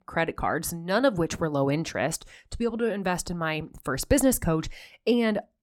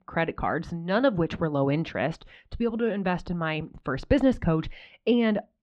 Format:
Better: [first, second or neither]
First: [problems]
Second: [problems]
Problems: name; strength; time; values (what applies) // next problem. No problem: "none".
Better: first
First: none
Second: muffled; slightly; fading above 3.5 kHz